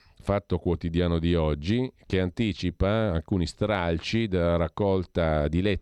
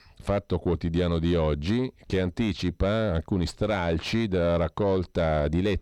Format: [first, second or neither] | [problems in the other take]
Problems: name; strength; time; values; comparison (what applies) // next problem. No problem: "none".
first | distortion; slight; 9 dB below the speech